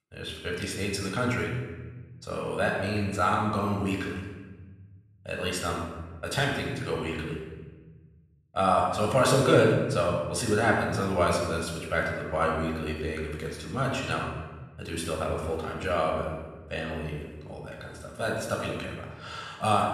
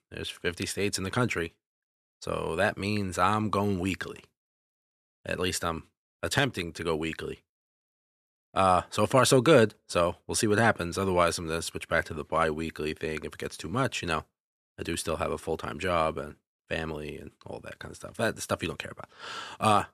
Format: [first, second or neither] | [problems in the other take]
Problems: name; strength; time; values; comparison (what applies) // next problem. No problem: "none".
second | off-mic speech; somewhat distant // room echo; noticeable; dies away in 1.3 s